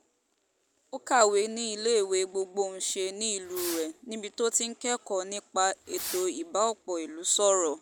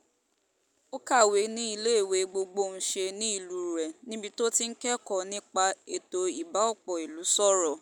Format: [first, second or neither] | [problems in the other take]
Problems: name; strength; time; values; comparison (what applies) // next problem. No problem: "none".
second | background sound (Fireworks); 13 dB below the speech